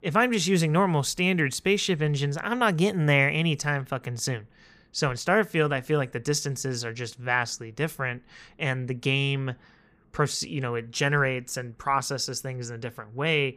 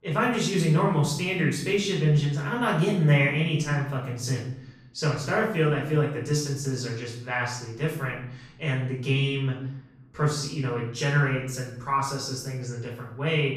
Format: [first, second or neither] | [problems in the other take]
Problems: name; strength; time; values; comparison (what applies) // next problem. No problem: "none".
first | room echo; noticeable; dies away in 0.7 s // off-mic speech; far